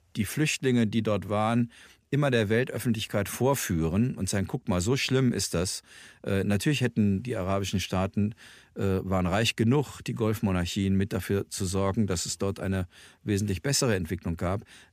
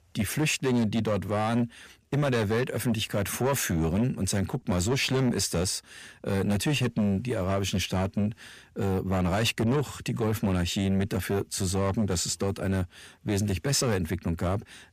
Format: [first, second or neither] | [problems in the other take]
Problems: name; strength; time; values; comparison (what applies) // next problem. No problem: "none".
first | distortion; slight; 10 dB below the speech